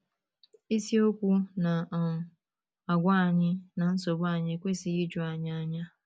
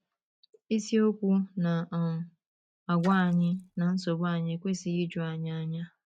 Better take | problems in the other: first | noise reduction (neural mask model RNNoise)

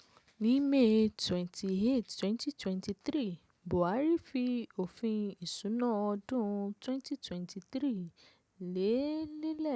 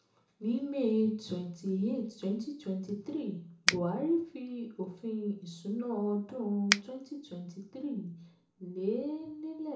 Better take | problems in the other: first | background sound (Finger snapping); 4 dB above the speech // room echo; dies away in 0.7 s

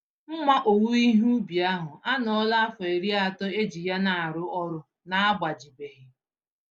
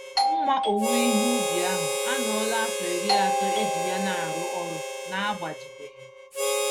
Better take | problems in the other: first | background sound (Harmonica + Doorbell); 4 dB above the speech

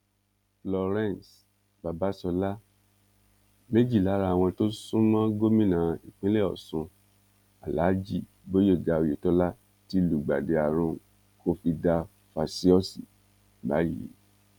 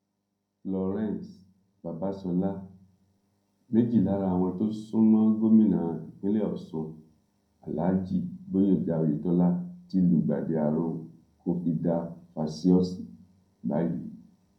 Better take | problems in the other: first | room echo; dies away in 0.6 s

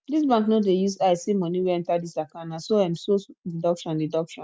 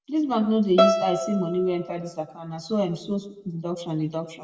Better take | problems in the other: first | background sound (Bowed string instrument); 2 dB below the speech // room echo; dies away in 0.6 s

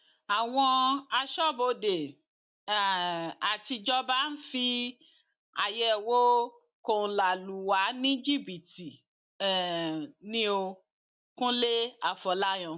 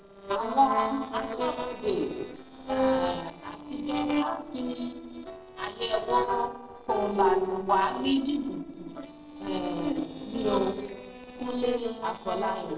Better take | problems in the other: first | noise reduction (neural separator model SepFormer DNS4)

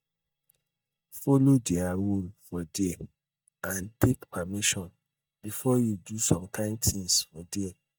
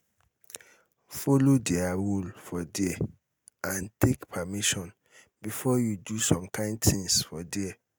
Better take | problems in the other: second | noise reduction (neural mask model DeepFilterNet 3)

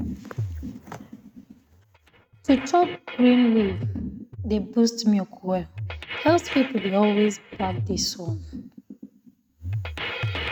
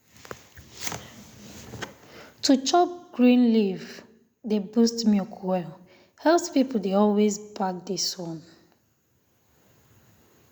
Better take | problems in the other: second | noise reduction (neural mask model RNNoise)

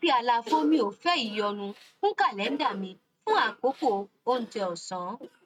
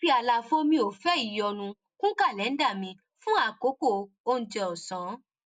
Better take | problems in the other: second | noise reduction (neural mask model RNNoise)

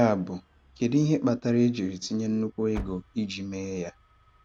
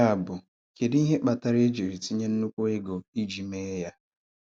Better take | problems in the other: second | background sound (Engine starting); 19 dB below the speech

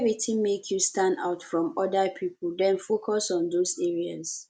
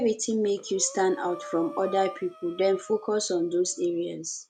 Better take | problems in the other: first | background sound (Breathing); 18 dB below the speech

